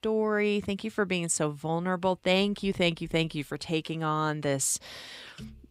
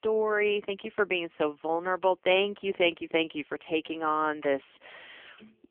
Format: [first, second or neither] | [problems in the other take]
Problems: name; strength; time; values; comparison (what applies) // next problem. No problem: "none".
first | phone-call audio; poor line; nothing above 3.5 kHz